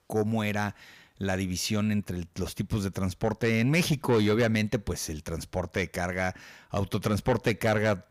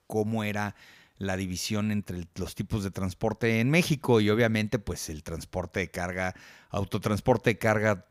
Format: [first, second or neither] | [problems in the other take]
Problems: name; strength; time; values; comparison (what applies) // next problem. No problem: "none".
second | distortion; slight; 10 dB below the speech